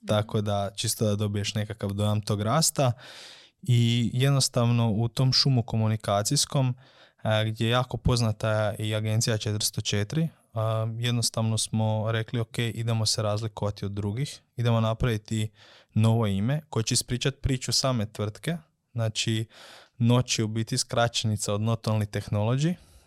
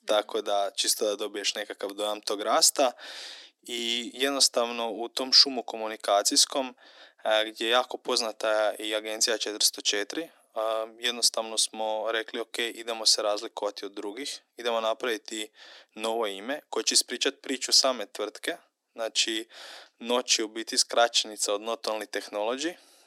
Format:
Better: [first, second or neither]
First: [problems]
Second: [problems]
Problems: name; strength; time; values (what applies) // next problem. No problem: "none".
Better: first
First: none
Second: thin; very; fading below 300 Hz